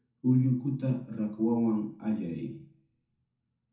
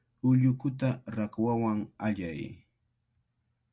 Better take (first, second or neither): second